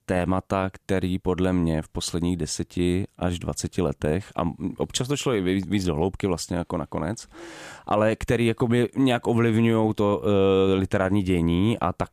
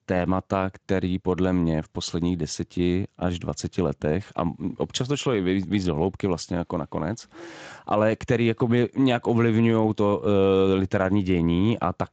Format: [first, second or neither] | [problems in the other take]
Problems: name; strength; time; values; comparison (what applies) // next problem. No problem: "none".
first | garbled, watery; slightly; nothing above 7.5 kHz